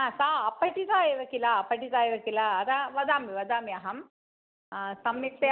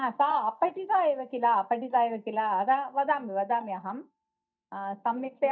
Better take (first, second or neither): first